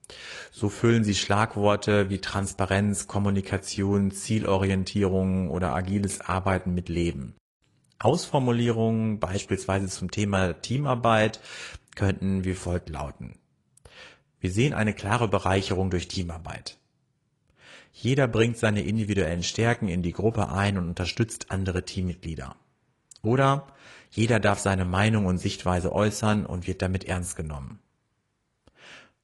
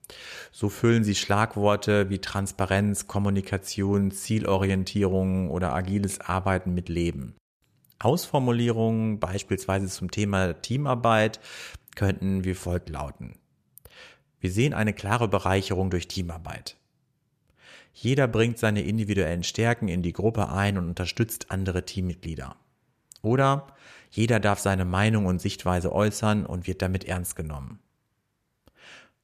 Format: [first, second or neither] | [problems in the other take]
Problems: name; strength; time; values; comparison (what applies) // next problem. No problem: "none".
second | garbled, watery; slightly; nothing above 10.5 kHz